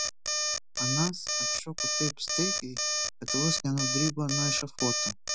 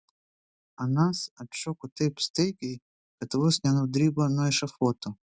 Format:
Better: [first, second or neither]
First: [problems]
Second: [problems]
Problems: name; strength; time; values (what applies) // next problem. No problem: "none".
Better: second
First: background sound (Alarm); 3 dB above the speech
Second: none